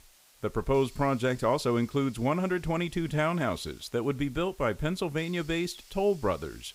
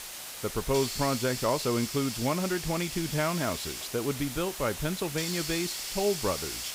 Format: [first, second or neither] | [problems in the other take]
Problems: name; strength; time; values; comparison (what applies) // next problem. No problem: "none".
first | hiss; loud; throughout; 4 dB below the speech; faint in the first